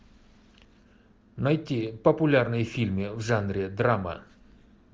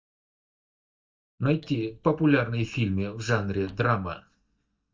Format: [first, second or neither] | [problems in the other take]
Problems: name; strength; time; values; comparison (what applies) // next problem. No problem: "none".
first | noise reduction (neural mask model DeepFilterNet 3)